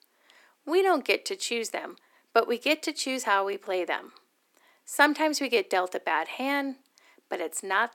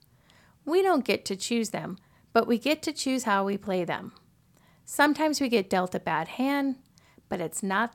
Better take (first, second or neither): second